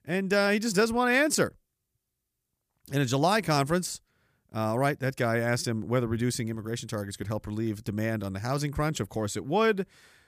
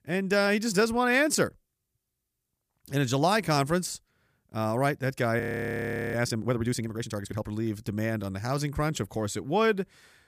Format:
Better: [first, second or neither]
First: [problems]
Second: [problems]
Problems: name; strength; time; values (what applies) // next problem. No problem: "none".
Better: first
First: none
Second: audio freezing; at 5.5 s for 0.5 s